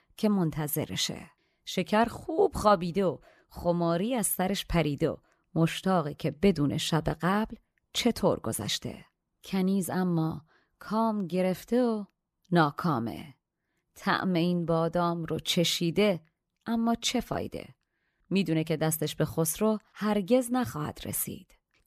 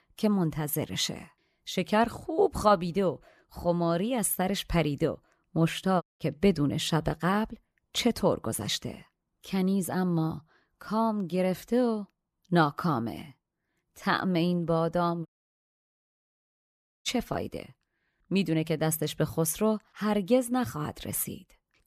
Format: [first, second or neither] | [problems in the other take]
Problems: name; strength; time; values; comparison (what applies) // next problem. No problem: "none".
first | audio cutting out; at 6 s and at 15 s for 2 s